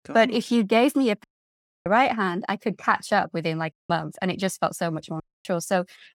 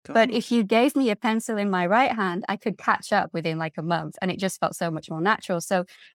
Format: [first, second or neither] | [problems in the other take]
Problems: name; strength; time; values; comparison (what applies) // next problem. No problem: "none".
second | audio cutting out; at 1 s for 0.5 s, at 3.5 s and at 5 s